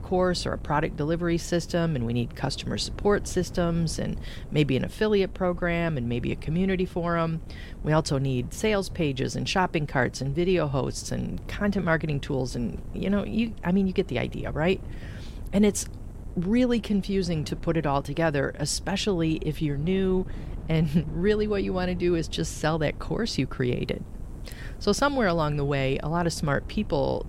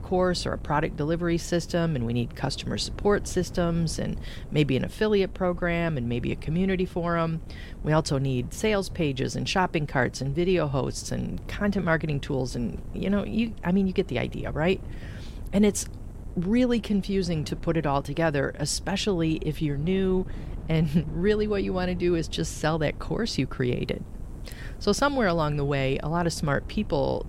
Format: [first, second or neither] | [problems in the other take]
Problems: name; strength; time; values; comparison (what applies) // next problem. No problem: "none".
neither | wind noise on the microphone; occasional gusts; 20 dB below the speech; the same in both